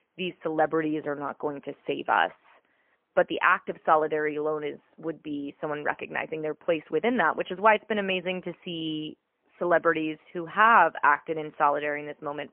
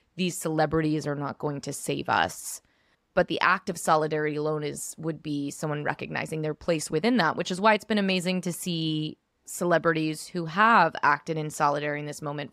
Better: second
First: phone-call audio; poor line; nothing above 3 kHz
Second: none

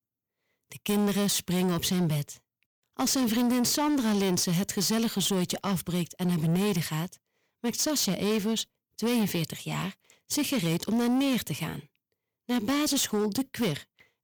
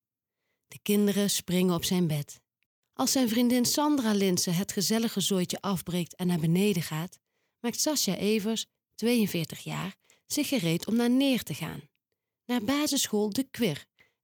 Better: second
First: distortion; slight; 15% of the sound clipped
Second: none

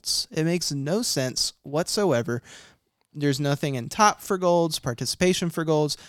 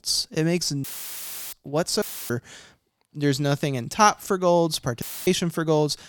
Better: first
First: none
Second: audio cutting out; filled with static; at 1 s for 0.5 s, at 2 s and at 5 s

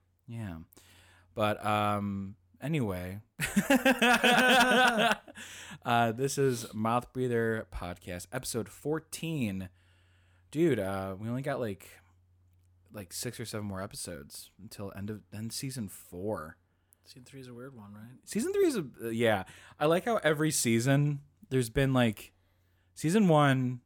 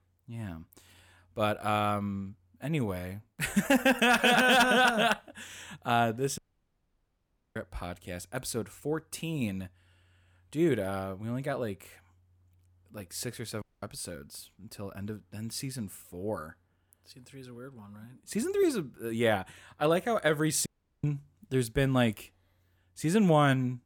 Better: first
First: none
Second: audio cutting out; at 6.5 s for 1 s, at 14 s and at 21 s

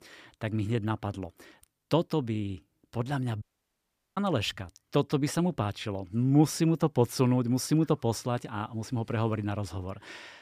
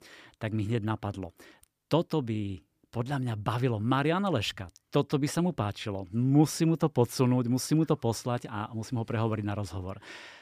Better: second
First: audio cutting out; at 3.5 s for 0.5 s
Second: none

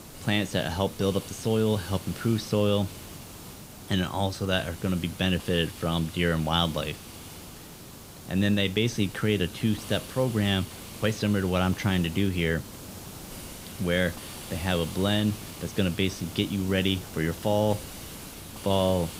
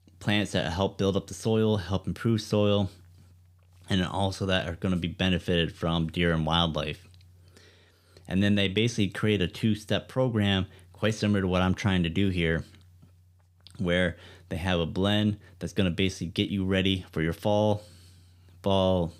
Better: second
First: hiss; noticeable; throughout; 15 dB below the speech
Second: none

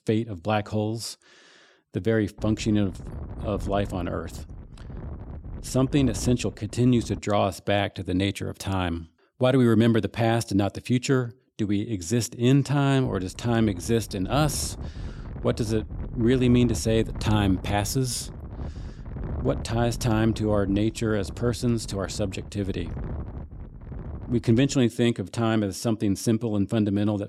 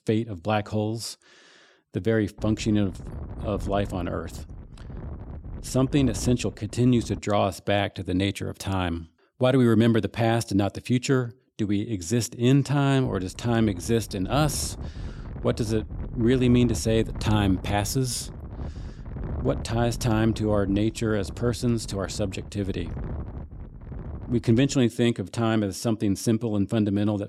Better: neither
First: wind noise on the microphone; occasional gusts; from 2.5 to 7 s and from 13 to 25 s; 20 dB below the speech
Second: wind noise on the microphone; occasional gusts; from 2.5 to 7 s and from 13 to 25 s; 20 dB below the speech

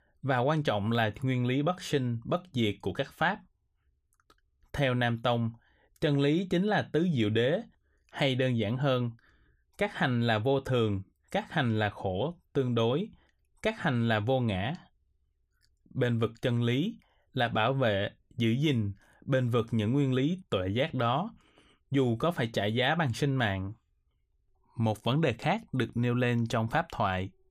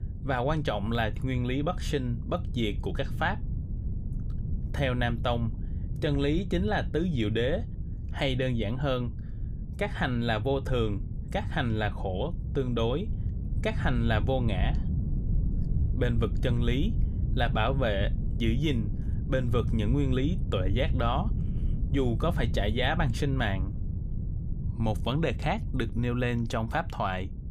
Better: first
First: none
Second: low rumble; noticeable; throughout; 15 dB below the speech

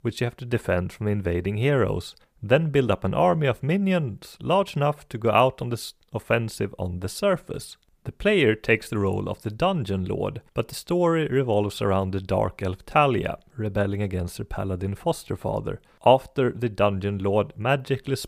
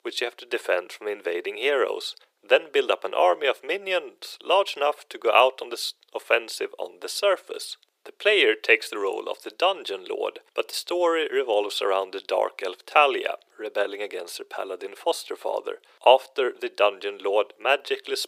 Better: first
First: none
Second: thin; very; fading below 350 Hz

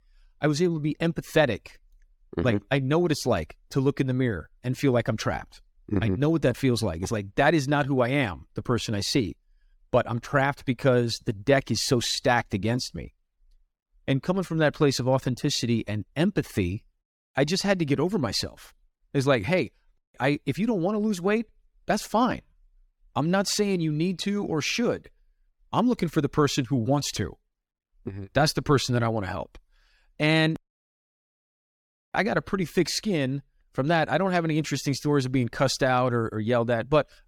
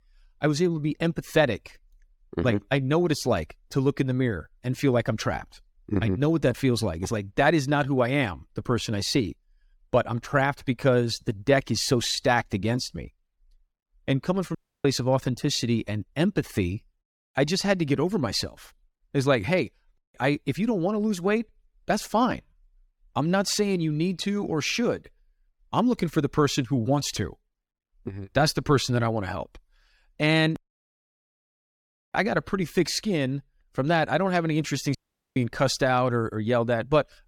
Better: first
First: none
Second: audio cutting out; at 15 s and at 35 s

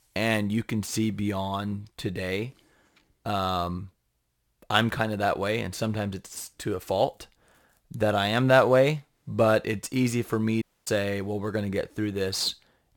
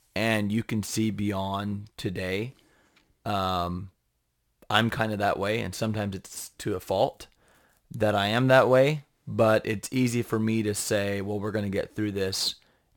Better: second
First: audio cutting out; at 11 s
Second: none

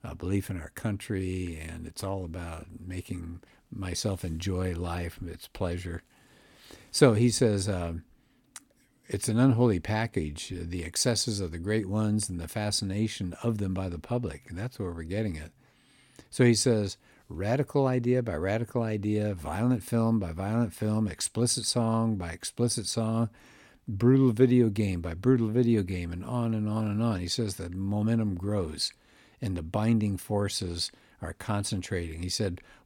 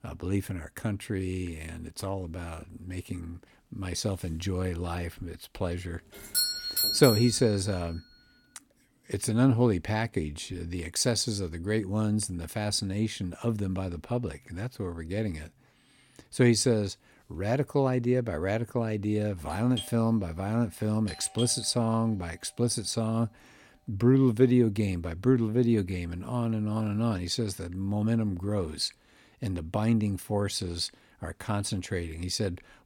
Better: first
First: none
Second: doorbell; loud; from 6.5 to 7.5 s; peak 4 dB above the speech // doorbell; noticeable; from 20 to 22 s; peak 10 dB below the speech

